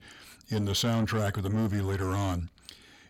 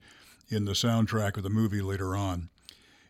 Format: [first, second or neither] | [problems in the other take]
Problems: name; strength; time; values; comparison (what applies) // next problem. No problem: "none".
second | distortion; slight; 10 dB below the speech